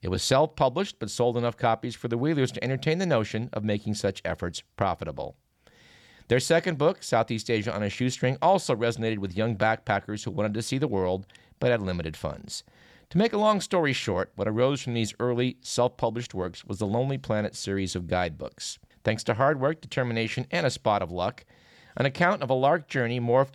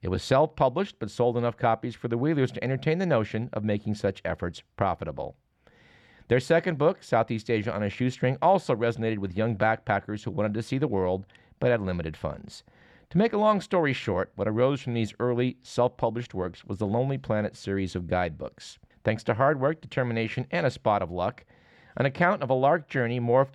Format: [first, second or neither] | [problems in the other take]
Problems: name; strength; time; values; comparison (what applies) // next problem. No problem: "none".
first | muffled; slightly; fading above 3.5 kHz